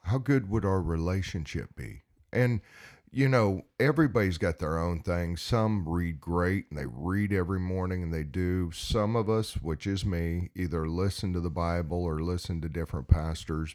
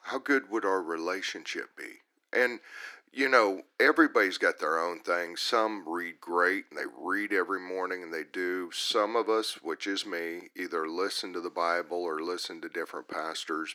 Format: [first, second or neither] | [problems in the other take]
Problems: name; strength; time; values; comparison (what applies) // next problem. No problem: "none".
first | thin; very; fading below 300 Hz